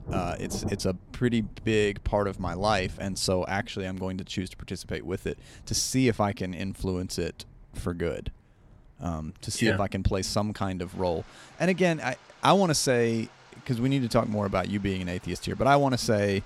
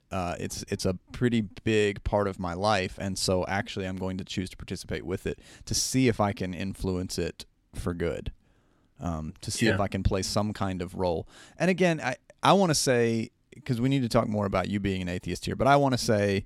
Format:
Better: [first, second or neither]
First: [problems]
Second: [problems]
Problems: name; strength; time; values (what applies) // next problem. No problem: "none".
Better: second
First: rain or running water; noticeable; throughout; 20 dB below the speech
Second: none